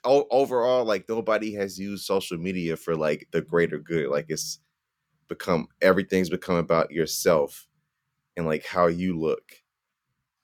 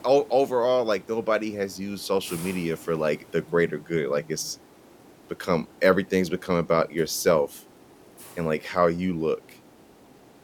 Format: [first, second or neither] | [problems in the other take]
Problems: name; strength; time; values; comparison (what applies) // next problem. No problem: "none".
first | hiss; faint; throughout; 25 dB below the speech